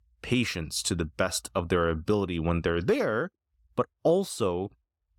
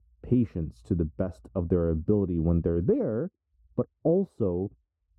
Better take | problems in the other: first | muffled; very; fading above 1 kHz

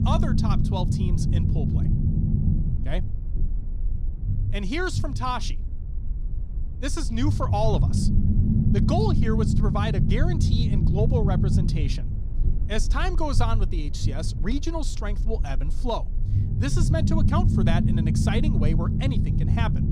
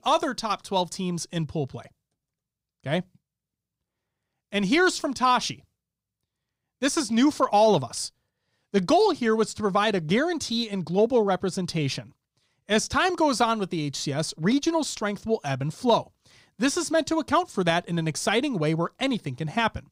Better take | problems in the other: second | low rumble; loud; throughout; 4 dB below the speech

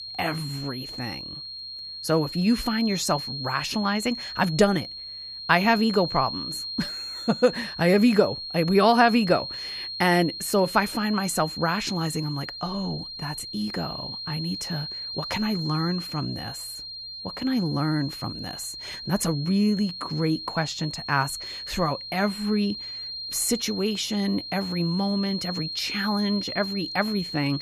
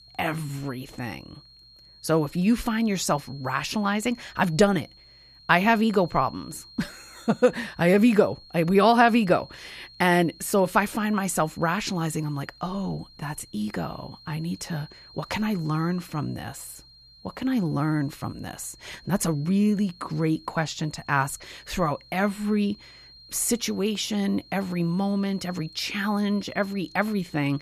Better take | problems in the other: second | high-pitched whine; loud; throughout; 4 kHz, 7 dB below the speech; faint in the second

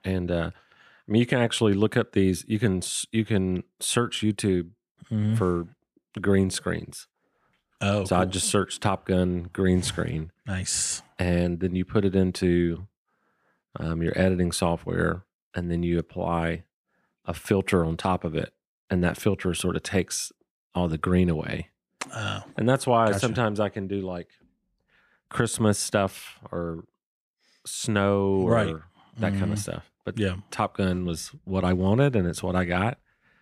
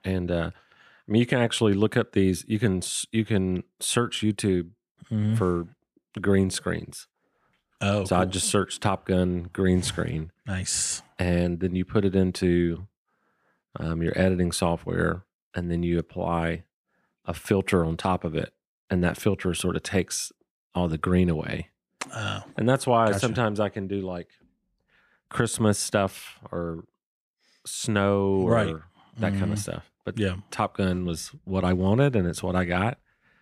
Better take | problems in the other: neither | none

